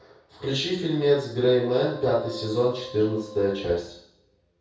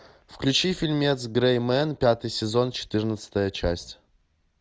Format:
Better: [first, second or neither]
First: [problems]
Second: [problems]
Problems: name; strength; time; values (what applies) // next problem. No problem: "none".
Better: second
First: background sound (Wind instrument, woodwind instrument); 17 dB below the speech // room echo; dies away in 0.6 s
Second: none